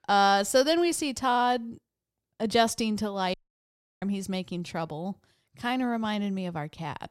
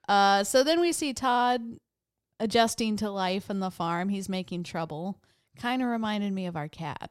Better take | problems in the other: second | audio cutting out; at 3.5 s for 0.5 s

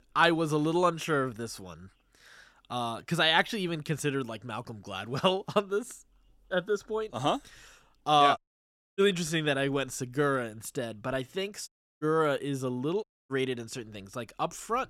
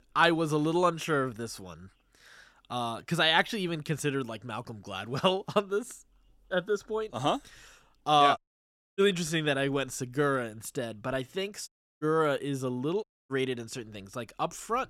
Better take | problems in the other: neither | audio cutting out; at 8.5 s for 0.5 s, at 12 s and at 13 s; the same in both

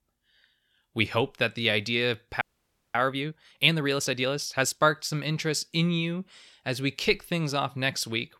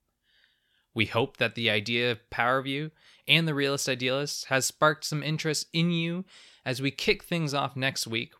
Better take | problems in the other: second | audio freezing; at 2.5 s for 0.5 s

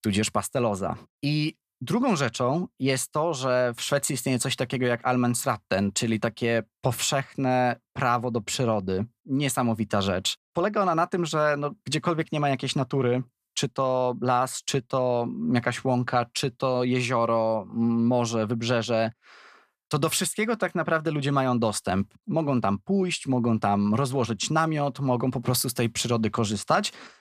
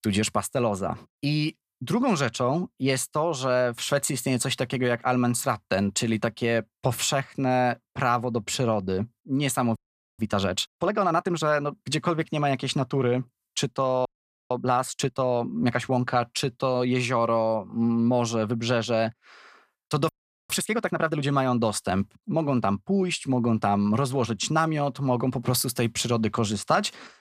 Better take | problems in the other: first | audio freezing; at 10 s, at 14 s and at 20 s

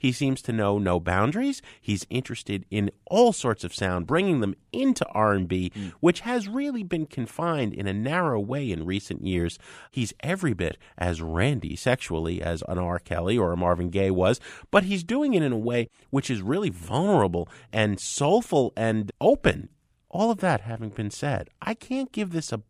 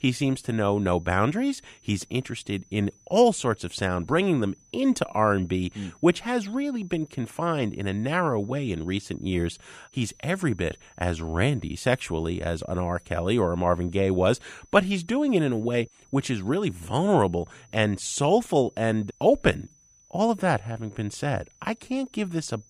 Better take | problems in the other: first | high-pitched whine; faint; throughout; 6 kHz, 30 dB below the speech

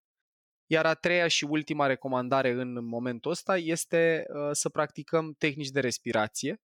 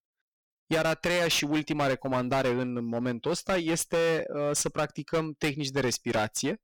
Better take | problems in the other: first | distortion; heavy; 14% of the sound clipped

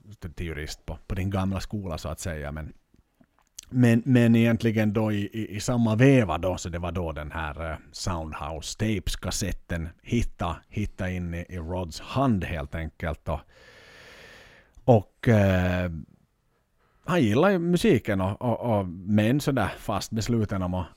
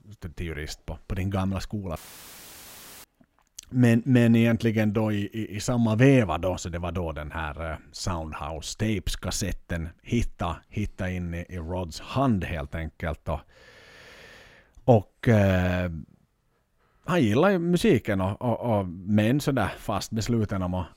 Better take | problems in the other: first | audio cutting out; filled with static; at 2 s for 1 s

